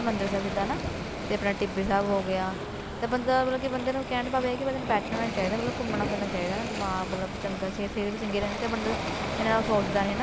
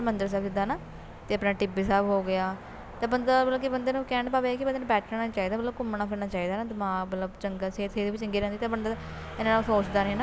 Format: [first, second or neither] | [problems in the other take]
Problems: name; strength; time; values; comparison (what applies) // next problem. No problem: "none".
second | background sound (Waves, surf); 5 dB below the speech